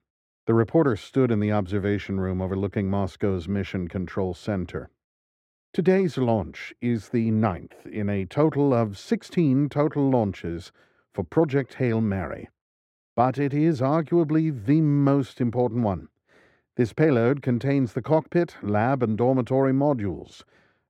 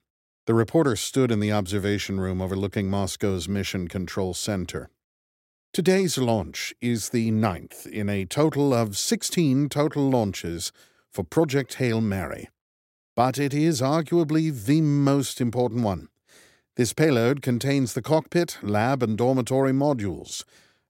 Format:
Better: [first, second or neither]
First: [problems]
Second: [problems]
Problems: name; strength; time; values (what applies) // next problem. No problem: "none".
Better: second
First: muffled; very; fading above 4 kHz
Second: none